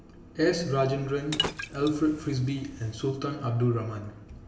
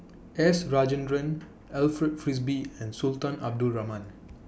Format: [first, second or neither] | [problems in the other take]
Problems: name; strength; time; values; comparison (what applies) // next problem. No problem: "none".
second | background sound (Liquid); 8 dB below the speech // room echo; dies away in 0.9 s